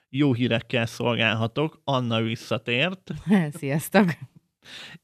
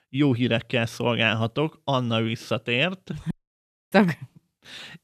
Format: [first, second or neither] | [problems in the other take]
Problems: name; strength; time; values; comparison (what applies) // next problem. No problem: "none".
first | audio cutting out; at 3.5 s for 0.5 s